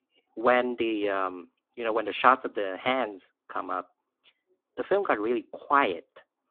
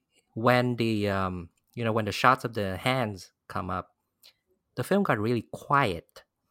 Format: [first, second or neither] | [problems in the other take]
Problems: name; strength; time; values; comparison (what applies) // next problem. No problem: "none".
second | phone-call audio